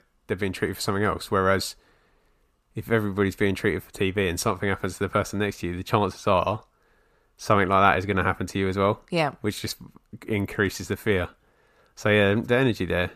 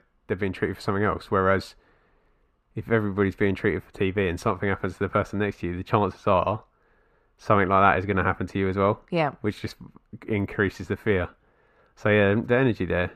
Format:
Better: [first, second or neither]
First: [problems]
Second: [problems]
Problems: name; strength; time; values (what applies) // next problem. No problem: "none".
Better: first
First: none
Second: muffled; slightly; fading above 4 kHz